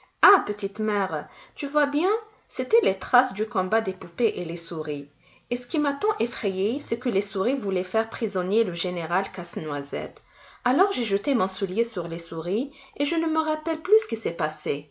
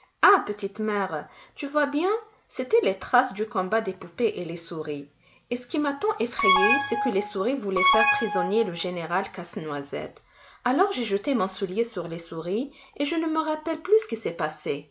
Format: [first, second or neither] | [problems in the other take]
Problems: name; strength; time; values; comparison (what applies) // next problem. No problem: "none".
first | background sound (Alarm); 2 dB above the speech